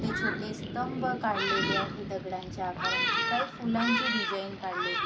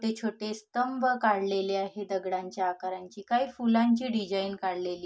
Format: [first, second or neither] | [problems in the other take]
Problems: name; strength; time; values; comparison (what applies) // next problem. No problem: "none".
second | background sound (Thunderstorm); 2 dB above the speech